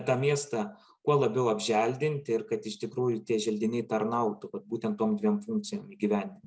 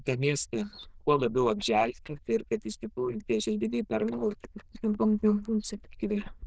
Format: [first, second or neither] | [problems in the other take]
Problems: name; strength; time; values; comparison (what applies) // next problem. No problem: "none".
first | noise reduction (neural diffusion model UNIVERSE++)